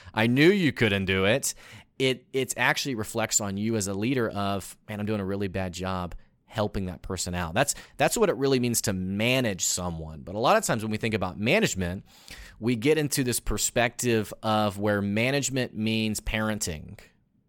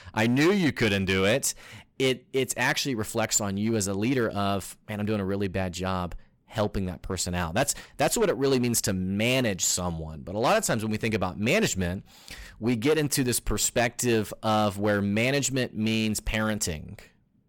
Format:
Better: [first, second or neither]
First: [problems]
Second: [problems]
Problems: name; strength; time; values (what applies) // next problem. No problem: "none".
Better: first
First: none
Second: distortion; slight; 5% of the sound clipped